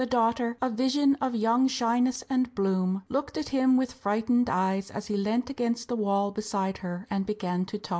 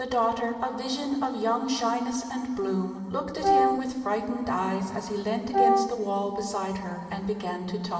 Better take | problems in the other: first | background sound (Wind instrument, woodwind instrument); 5 dB above the speech // room echo; dies away in 2.7 s

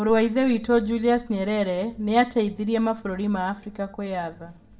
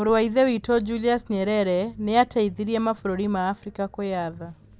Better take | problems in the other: second | room echo; dies away in 0.4 s

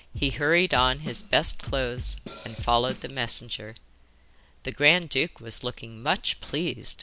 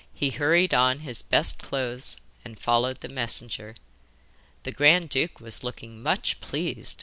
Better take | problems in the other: second | background sound (Drum kit + Cymbal); 10 dB below the speech

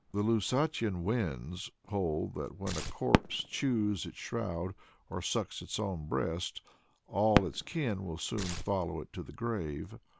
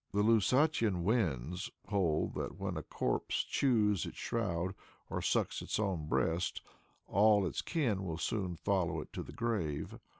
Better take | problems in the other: second | background sound (Tearing + Fireworks); 6 dB below the speech

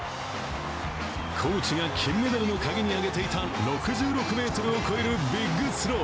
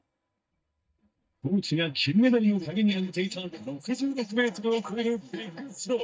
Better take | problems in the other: first | noise reduction (neural mask model DeepFilterNet 3)

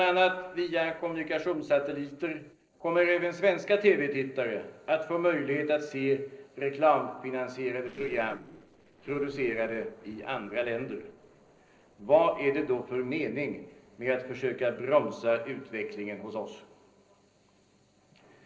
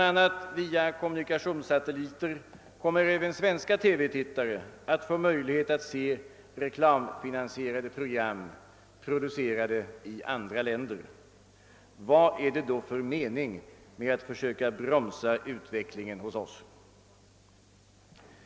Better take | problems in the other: second | noise reduction (neural separator model SepFormer DNS4)

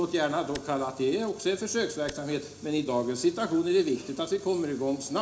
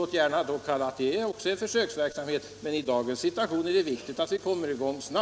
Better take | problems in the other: second | background sound (Tick); 18 dB below the speech // room echo; dies away in 0.4 s

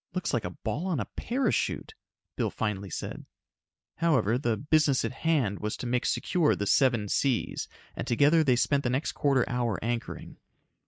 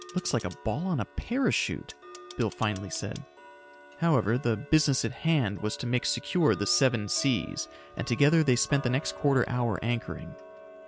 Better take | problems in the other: first | background sound (Tick-tock); 18 dB below the speech

